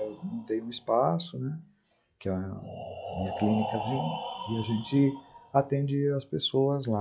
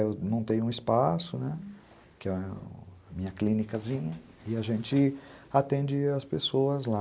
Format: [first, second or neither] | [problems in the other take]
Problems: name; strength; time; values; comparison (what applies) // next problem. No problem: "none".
second | noise reduction (classical method log-MMSE)